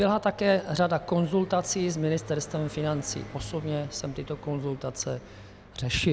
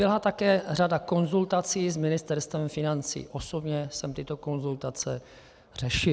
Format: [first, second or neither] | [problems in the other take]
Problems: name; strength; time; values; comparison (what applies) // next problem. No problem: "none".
second | background sound (Car passing by); 17 dB below the speech